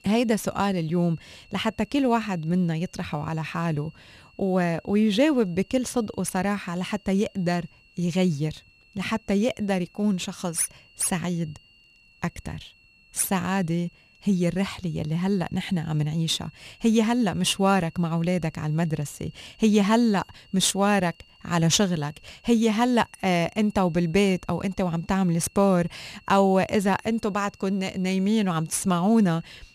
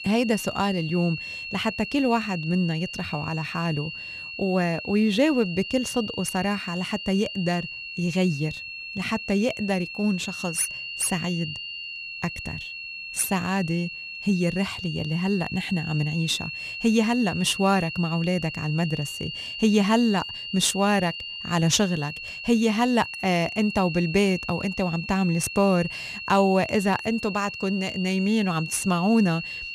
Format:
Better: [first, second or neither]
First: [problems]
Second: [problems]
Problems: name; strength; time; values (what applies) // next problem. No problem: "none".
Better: first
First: high-pitched whine; faint; throughout; 3 kHz, 30 dB below the speech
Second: high-pitched whine; loud; throughout; 3 kHz, 8 dB below the speech